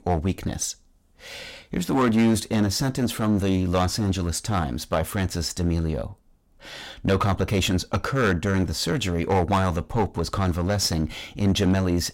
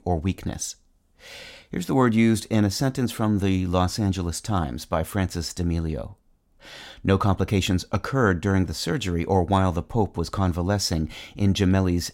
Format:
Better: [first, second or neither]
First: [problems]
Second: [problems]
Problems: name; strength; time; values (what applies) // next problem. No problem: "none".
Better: second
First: distortion; heavy; 10% of the sound clipped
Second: none